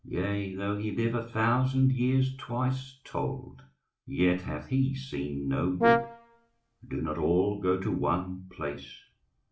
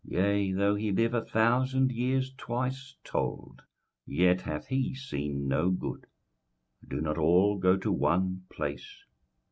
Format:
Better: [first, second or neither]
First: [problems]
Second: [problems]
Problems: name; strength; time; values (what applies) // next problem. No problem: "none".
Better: second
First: background sound (Brass instrument); as loud as the speech // room echo; dies away in 0.4 s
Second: none